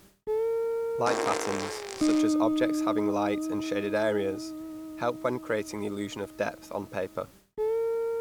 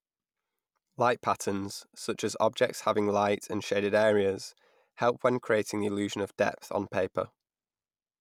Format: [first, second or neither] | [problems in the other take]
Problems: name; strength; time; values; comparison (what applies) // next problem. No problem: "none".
second | background sound (Fart + Guitar); 2 dB above the speech